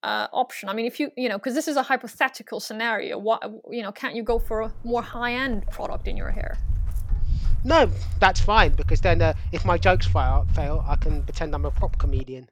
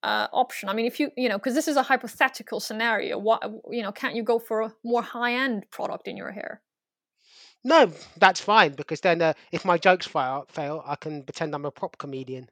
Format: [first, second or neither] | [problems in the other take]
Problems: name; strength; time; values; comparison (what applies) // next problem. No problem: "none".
second | footsteps; loud; from 4.5 s on; peak 1 dB above the speech